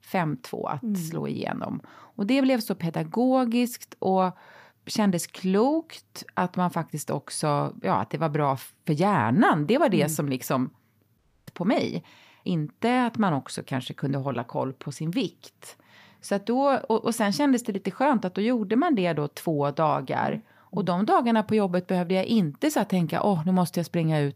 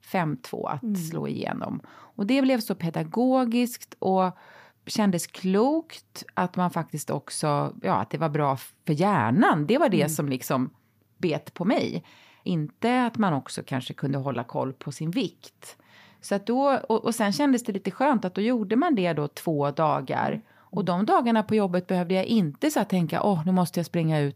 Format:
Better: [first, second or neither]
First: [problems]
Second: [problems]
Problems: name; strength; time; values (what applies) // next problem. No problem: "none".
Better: second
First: audio cutting out; at 11 s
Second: none